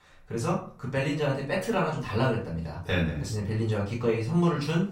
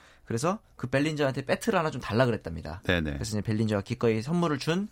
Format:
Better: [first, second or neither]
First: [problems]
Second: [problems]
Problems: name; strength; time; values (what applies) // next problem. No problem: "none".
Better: second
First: off-mic speech; far // room echo; slight; dies away in 0.3 s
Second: none